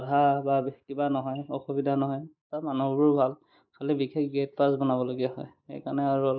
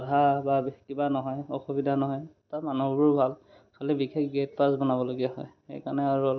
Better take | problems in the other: second | noise reduction (neural mask model Resemble Enhance denoiser)

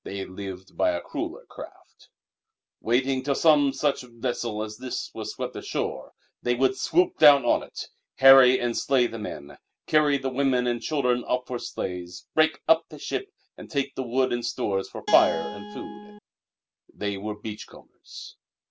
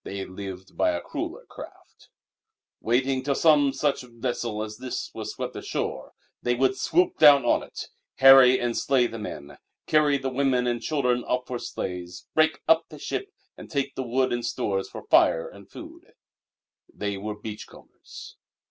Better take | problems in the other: second | background sound (Guitar); 7 dB below the speech

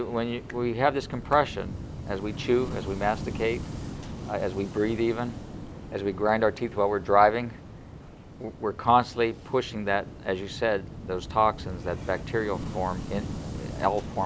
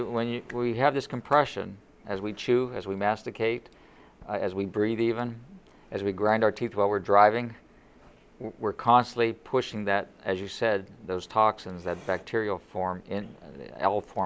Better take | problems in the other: second | background sound (Waves, surf / Wind); 10 dB below the speech

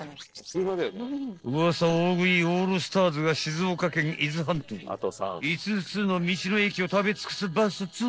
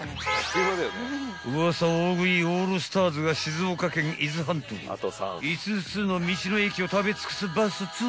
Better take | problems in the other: second | noise reduction (neural separator model SepFormer DNS4)

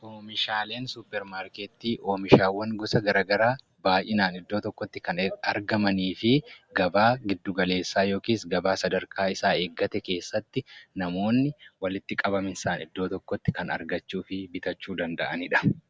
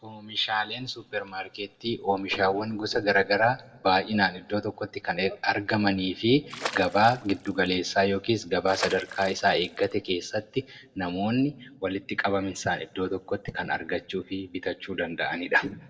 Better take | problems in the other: first | noise reduction (neural separator model SepFormer DNS4)

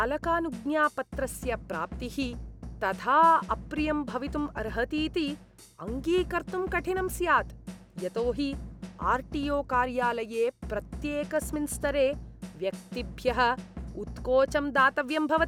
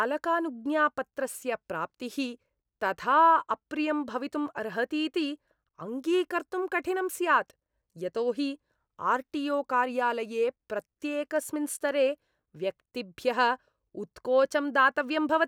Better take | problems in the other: second | background sound (Drum / Drum kit); 12 dB below the speech

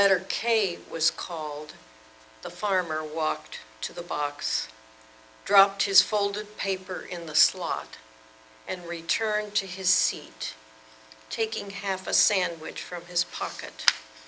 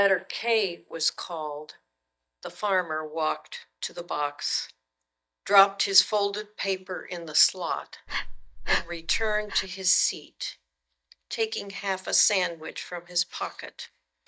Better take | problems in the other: first | noise reduction (neural mask model DeepFilterNet 3)

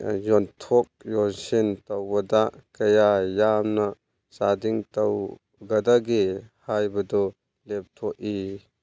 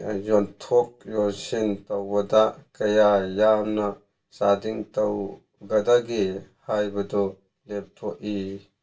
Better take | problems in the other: first | room echo; dies away in 0.2 s

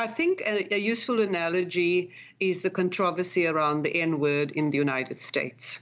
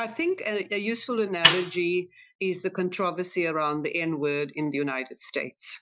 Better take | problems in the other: first | noise reduction (classical method Wiener filter)

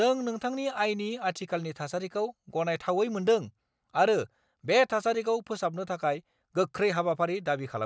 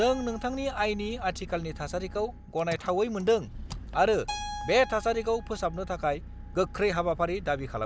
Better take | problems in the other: first | background sound (Keyboard (musical) + Engine); 11 dB below the speech

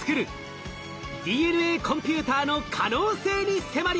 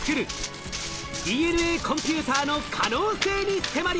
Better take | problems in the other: first | background sound (Run); 8 dB below the speech

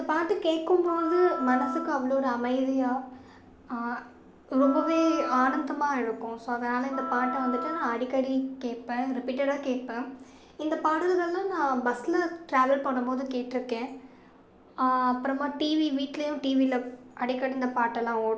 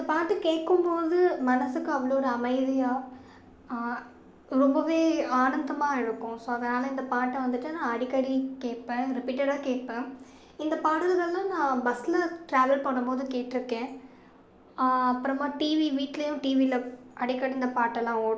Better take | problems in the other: second | background sound (Wind instrument, woodwind instrument); 9 dB below the speech

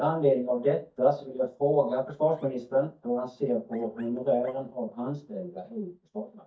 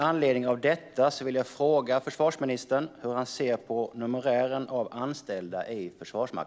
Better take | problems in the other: second | noise reduction (neural mask model DeepFilterNet 3)

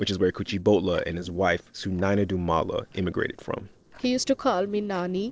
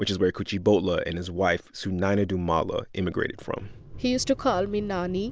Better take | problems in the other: second | noise reduction (neural separator model SepFormer DNS4)

